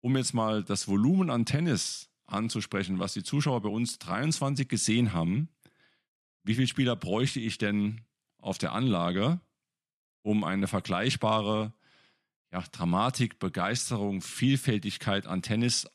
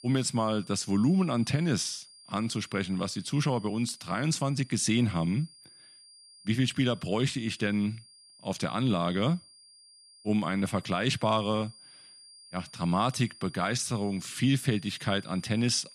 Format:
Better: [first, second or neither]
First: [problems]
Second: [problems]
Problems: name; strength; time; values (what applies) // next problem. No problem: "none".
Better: first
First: none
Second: high-pitched whine; faint; throughout; 5 kHz, 20 dB below the speech